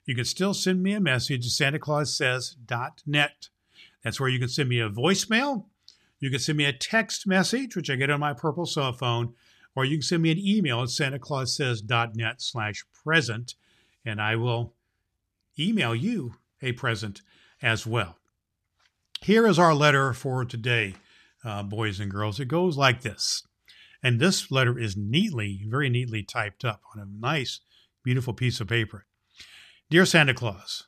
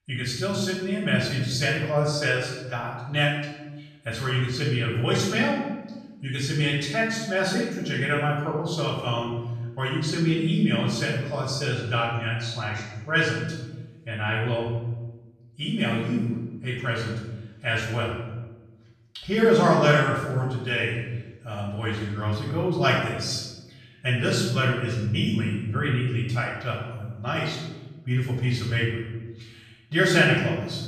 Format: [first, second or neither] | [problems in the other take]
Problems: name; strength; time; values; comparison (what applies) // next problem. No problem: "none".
first | room echo; noticeable; dies away in 1.1 s // off-mic speech; far